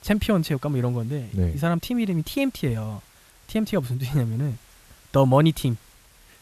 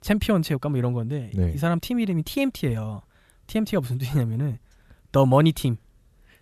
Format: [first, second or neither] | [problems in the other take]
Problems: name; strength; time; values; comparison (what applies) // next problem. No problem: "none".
second | hiss; faint; throughout; 30 dB below the speech